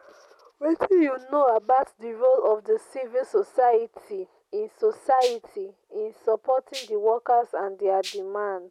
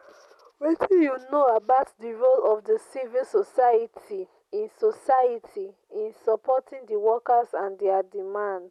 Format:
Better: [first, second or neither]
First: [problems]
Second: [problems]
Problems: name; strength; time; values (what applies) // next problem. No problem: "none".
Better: second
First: background sound (Rattle (instrument)); 14 dB below the speech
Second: none